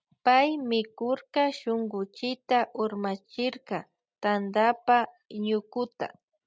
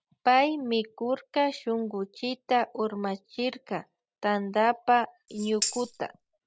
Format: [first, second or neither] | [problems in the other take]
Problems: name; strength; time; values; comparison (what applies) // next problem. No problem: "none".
first | background sound (Tambourine); 7 dB below the speech